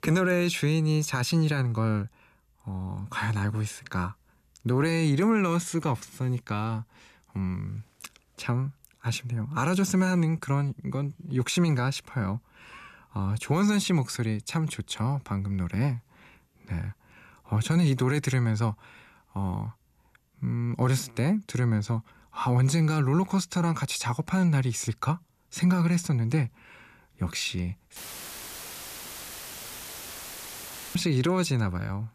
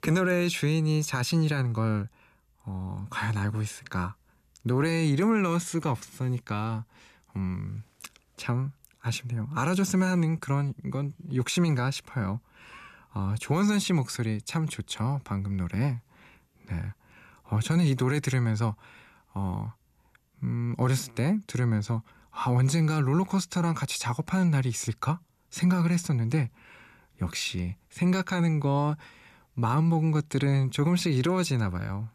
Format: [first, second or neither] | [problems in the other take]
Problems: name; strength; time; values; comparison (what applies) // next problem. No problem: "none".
second | audio cutting out; filled with static; at 28 s for 3 s